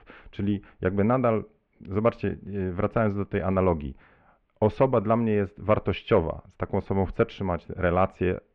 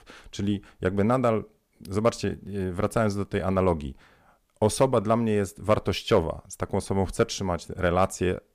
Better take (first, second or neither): second